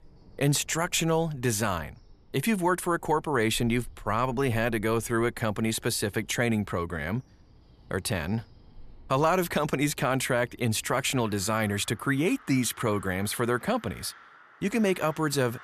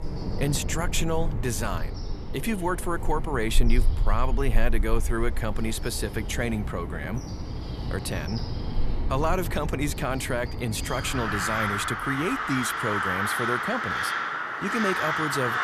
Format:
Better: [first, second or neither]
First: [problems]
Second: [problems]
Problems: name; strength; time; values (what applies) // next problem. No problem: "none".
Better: first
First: animal sounds; faint; throughout; 25 dB below the speech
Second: animal sounds; loud; throughout; 1 dB below the speech